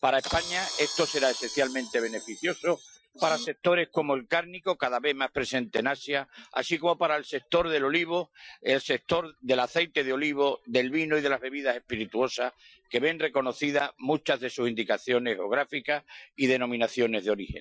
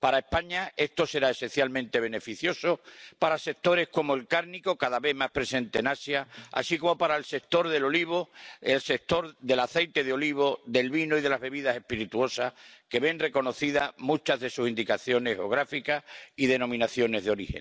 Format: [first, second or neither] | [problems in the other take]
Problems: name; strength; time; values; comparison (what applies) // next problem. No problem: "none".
second | noise reduction (classical method Wiener filter)